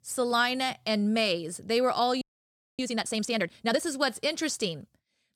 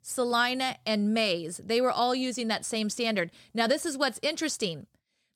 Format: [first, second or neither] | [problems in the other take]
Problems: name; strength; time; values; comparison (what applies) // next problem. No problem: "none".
second | audio freezing; at 2 s for 0.5 s